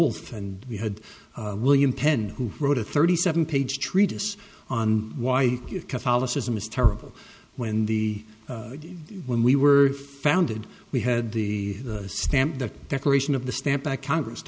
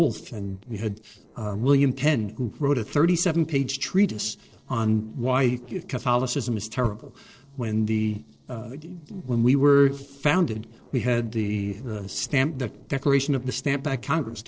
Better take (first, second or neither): first